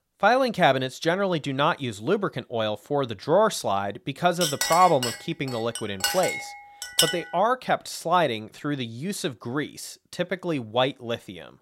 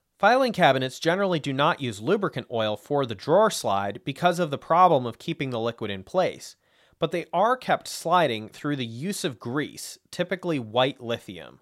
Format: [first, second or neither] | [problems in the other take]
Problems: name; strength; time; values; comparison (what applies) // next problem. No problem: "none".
second | clattering dishes; loud; from 4.5 to 7 s; peak 3 dB above the speech